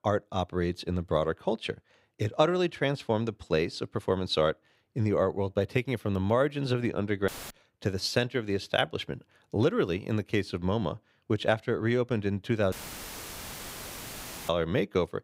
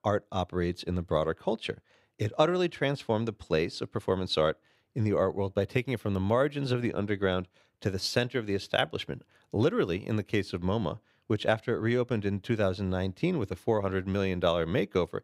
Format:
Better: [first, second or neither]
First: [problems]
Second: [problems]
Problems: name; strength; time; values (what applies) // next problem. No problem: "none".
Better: second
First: audio cutting out; filled with static; at 7.5 s and at 13 s for 2 s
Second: none